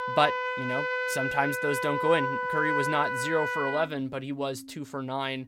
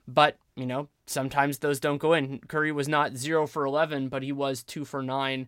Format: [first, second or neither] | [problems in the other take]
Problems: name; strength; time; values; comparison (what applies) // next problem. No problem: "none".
second | background music; very loud; throughout; 1 dB above the speech